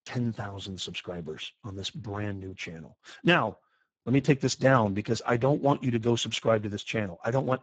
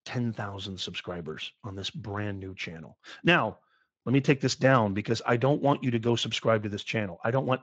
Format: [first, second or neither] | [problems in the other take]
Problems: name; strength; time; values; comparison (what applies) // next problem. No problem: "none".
second | garbled, watery; badly; nothing above 7.5 kHz; slightly in the second